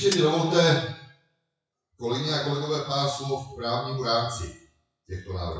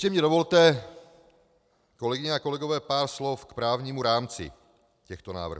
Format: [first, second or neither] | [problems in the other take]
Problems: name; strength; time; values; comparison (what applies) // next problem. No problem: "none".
second | noise reduction (classical method WPE with log-MMSE)